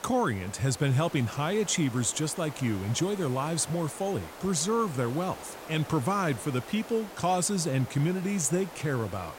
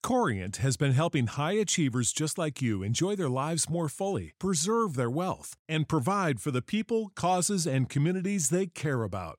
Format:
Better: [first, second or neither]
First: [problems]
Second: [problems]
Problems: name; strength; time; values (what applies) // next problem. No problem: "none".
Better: second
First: hiss; noticeable; throughout; 15 dB below the speech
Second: none